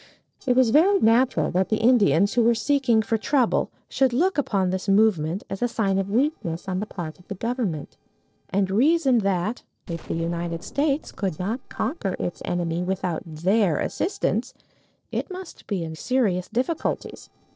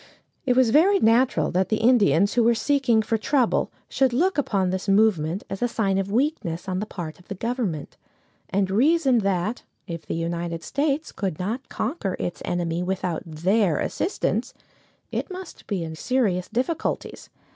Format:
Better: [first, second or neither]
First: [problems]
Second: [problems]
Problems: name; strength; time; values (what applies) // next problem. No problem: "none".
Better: second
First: noise reduction (neural separator model SepFormer DNS4)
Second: none